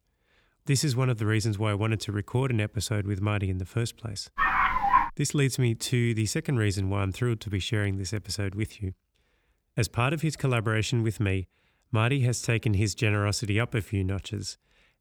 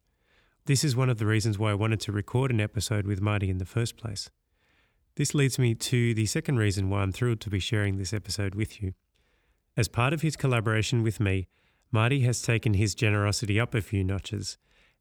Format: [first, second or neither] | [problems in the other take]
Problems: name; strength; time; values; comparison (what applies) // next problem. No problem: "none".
second | dog barking; loud; at 4.5 s; peak 5 dB above the speech